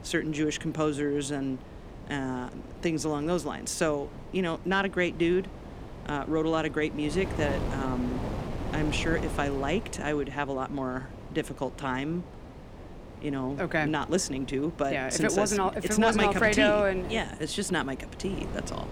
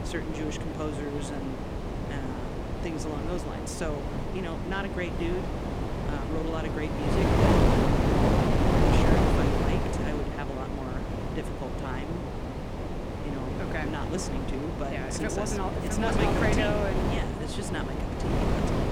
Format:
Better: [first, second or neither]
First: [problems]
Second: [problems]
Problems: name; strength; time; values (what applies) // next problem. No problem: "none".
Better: first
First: wind noise on the microphone; occasional gusts; 15 dB below the speech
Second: wind noise on the microphone; heavy; 3 dB above the speech